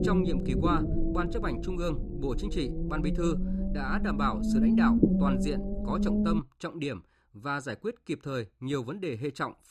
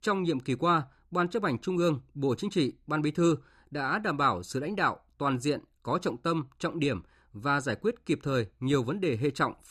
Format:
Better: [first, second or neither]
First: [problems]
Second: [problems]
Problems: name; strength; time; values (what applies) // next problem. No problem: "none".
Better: second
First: low rumble; loud; until 6.5 s; 1 dB below the speech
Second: none